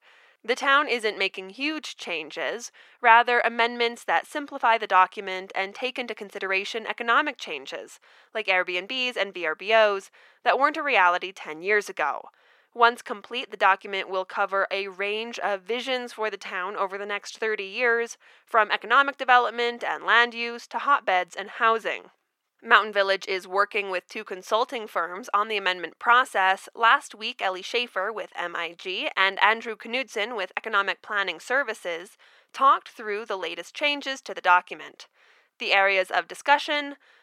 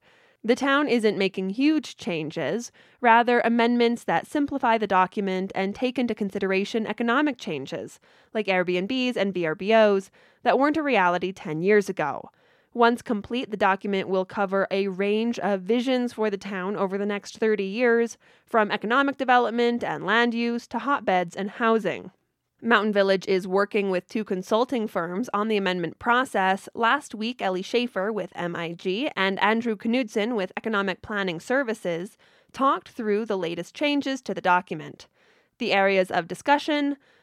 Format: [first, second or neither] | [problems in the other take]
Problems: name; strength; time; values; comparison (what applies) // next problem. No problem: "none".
second | thin; very; fading below 550 Hz